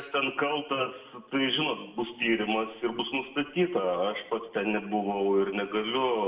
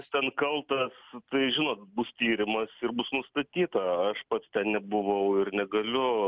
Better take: second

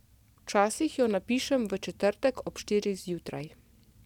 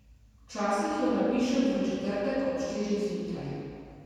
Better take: first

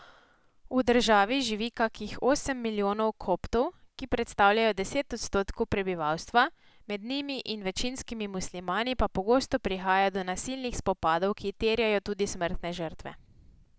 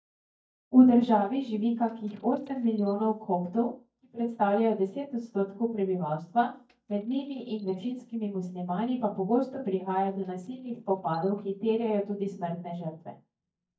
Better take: first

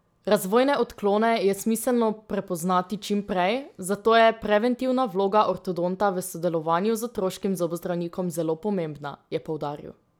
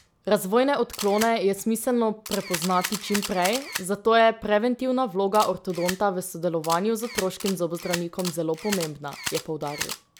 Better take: first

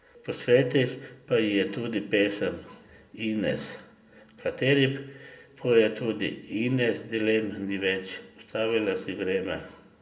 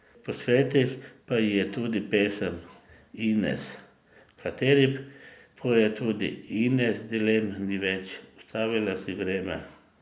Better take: second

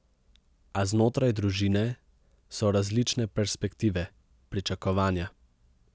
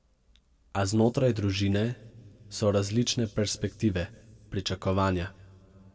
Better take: first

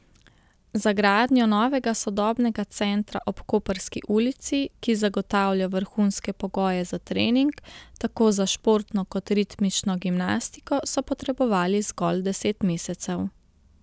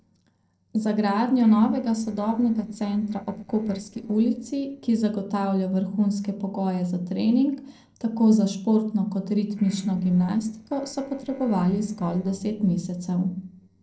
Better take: first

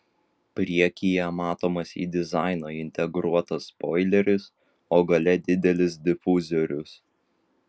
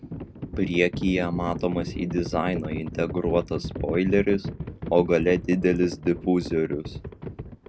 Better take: first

